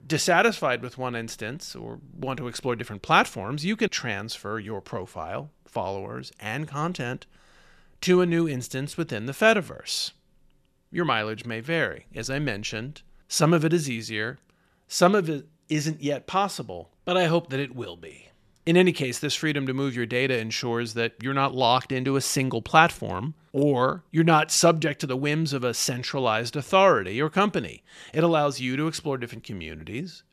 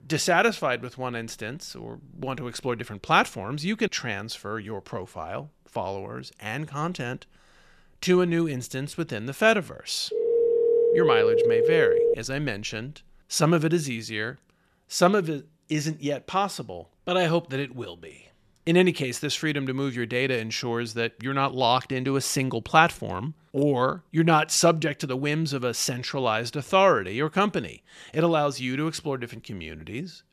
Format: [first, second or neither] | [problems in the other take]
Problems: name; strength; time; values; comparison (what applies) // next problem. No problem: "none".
first | phone ringing; loud; from 10 to 12 s; peak 5 dB above the speech